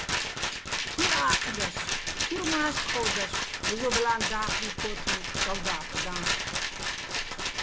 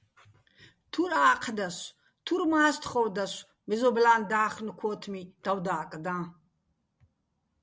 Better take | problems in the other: second | background sound (Rattle); 4 dB above the speech

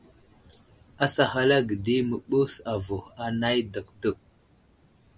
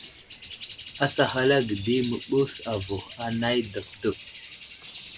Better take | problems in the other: first | background sound (Bird); 15 dB below the speech

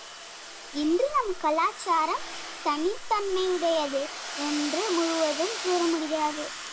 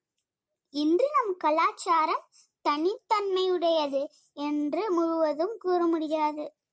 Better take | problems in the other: second | background sound (Domestic sounds, home sounds); 9 dB below the speech

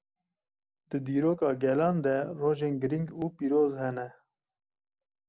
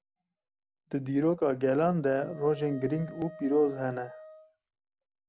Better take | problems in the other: first | background sound (Wind instrument, woodwind instrument); 18 dB below the speech

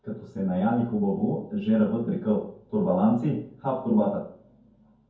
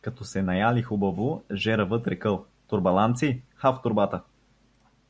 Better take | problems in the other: second | room echo; dies away in 0.6 s

